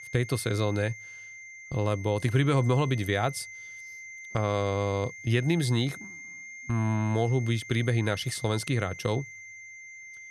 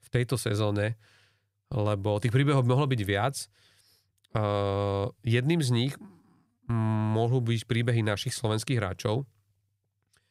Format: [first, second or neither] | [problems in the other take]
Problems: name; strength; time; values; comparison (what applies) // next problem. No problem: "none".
second | high-pitched whine; noticeable; throughout; 2 kHz, 15 dB below the speech